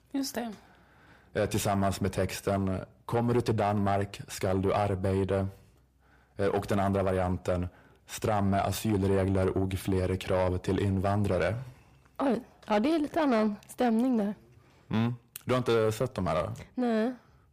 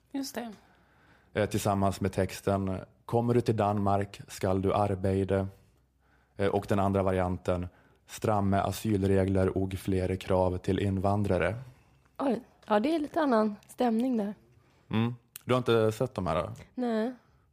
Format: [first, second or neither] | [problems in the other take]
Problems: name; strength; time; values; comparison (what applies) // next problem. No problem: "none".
second | distortion; slight; 10 dB below the speech